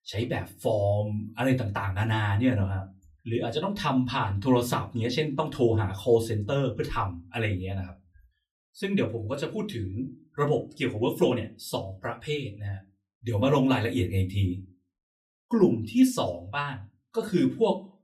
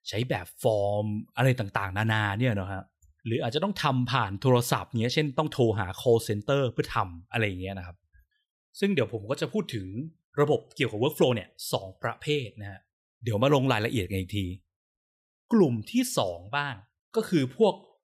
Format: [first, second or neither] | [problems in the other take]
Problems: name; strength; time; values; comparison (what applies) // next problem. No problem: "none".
second | off-mic speech; far // room echo; very slight; dies away in 0.2 s